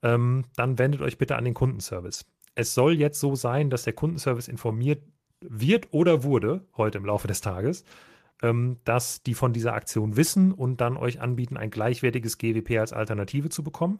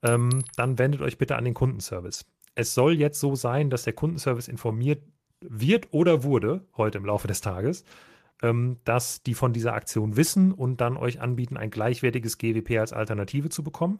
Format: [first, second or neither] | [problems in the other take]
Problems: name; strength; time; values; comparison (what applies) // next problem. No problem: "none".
first | clattering dishes; noticeable; at the start; peak 7 dB below the speech